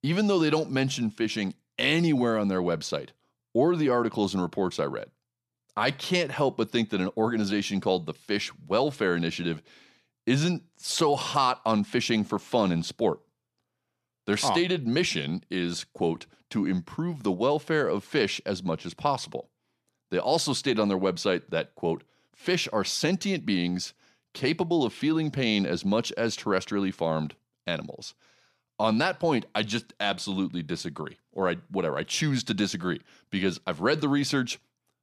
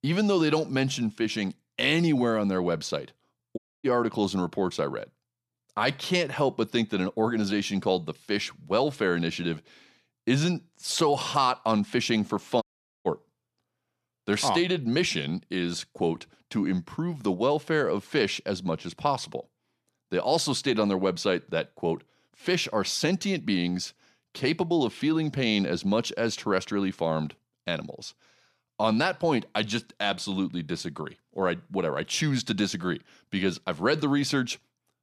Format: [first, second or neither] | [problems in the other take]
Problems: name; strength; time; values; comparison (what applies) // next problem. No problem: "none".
first | audio cutting out; at 3.5 s and at 13 s